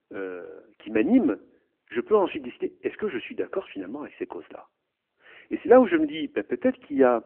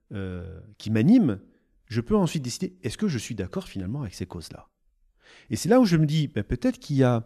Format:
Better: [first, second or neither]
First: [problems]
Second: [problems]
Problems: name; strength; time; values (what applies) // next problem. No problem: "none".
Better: second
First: phone-call audio; nothing above 3 kHz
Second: none